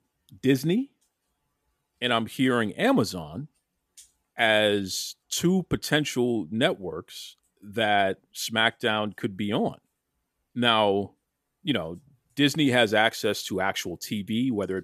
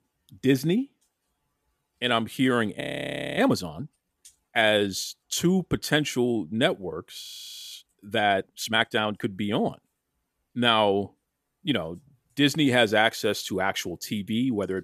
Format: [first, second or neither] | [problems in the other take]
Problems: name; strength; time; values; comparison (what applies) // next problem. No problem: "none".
first | audio freezing; at 3 s for 0.5 s and at 7 s for 0.5 s